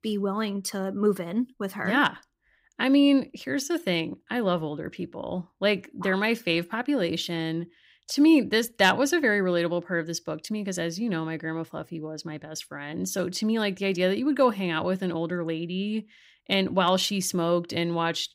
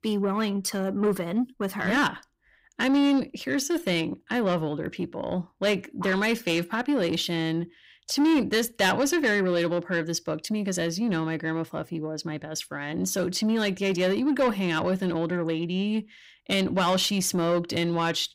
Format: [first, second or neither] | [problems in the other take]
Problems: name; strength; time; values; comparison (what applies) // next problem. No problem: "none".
first | distortion; slight; 10 dB below the speech